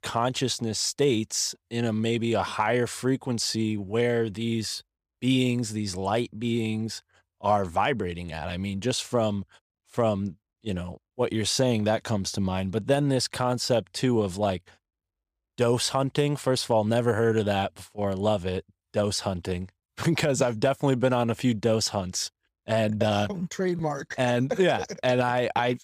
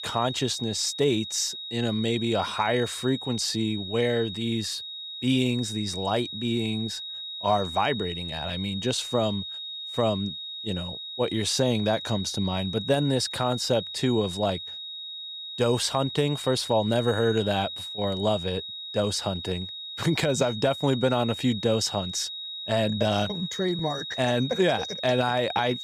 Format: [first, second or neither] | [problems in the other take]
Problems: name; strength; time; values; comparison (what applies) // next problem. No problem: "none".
first | high-pitched whine; loud; throughout; 4 kHz, 7 dB below the speech